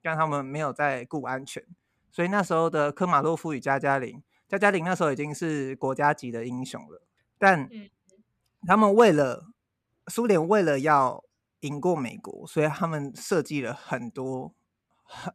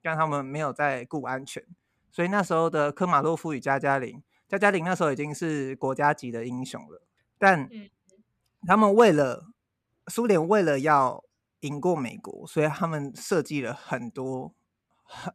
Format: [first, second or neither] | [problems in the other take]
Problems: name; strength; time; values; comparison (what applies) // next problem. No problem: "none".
neither | none